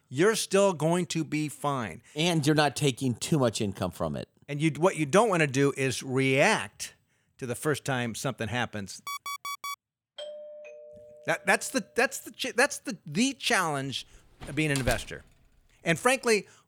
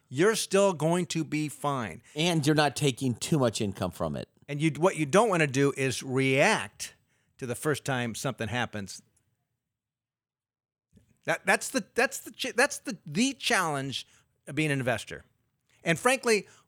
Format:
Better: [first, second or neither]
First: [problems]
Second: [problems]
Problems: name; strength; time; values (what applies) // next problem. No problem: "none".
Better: second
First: alarm; noticeable; at 9 s; peak 8 dB below the speech // doorbell; faint; from 10 to 12 s; peak 15 dB below the speech // door banging; noticeable; at 14 s; peak 7 dB below the speech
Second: none